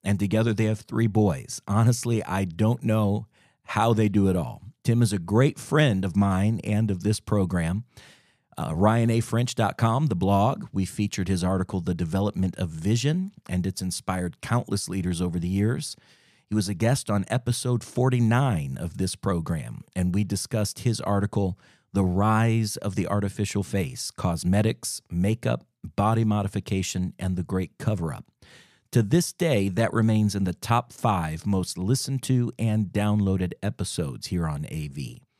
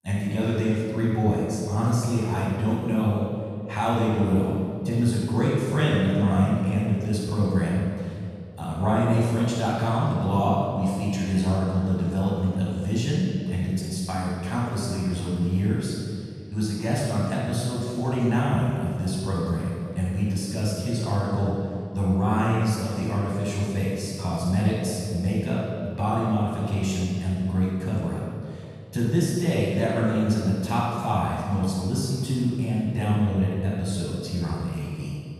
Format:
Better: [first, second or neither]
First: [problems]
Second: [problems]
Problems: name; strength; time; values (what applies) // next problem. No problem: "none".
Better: first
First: none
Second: off-mic speech; far // room echo; strong; dies away in 2 s